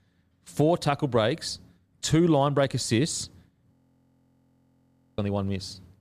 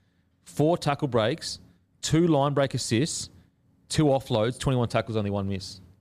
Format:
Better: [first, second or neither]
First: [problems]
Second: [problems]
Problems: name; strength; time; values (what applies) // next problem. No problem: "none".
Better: second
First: audio freezing; at 3.5 s for 1.5 s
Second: none